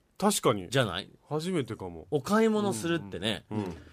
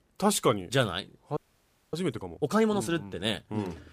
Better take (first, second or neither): first